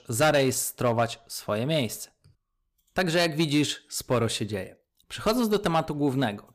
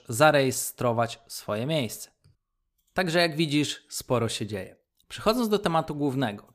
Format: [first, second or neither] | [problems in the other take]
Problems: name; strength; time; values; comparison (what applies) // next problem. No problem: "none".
second | distortion; slight; 3% of the sound clipped